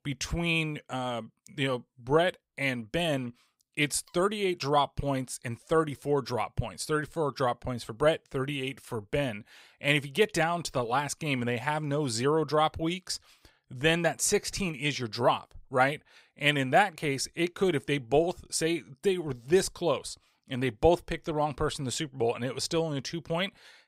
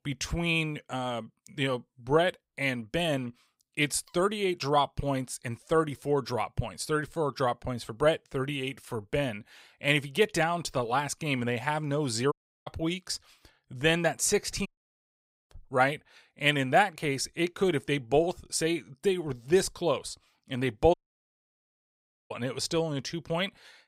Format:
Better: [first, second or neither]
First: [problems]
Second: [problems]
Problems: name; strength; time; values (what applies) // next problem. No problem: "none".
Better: first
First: none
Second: audio cutting out; at 12 s, at 15 s for 1 s and at 21 s for 1.5 s